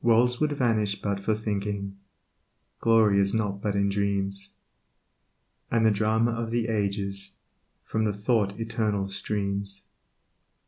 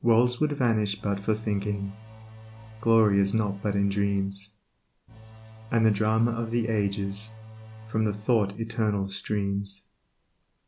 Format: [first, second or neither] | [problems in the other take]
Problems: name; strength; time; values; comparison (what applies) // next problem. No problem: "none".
first | background sound (Engine / Domestic sounds, home sounds); 17 dB below the speech